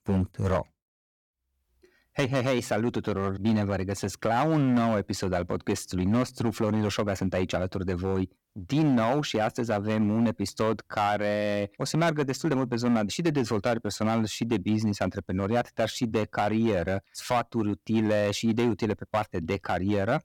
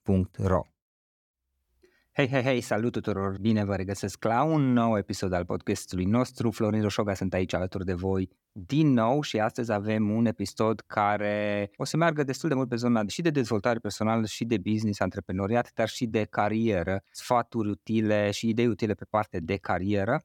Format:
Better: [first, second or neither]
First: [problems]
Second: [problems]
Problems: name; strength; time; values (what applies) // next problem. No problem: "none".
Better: second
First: distortion; slight; 6% of the sound clipped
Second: none